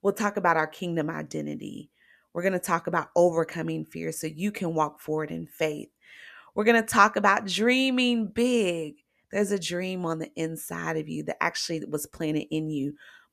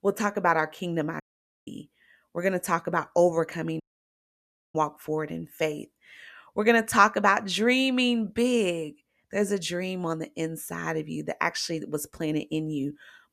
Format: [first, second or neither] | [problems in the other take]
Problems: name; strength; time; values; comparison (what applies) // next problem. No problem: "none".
first | audio cutting out; at 1 s and at 4 s for 1 s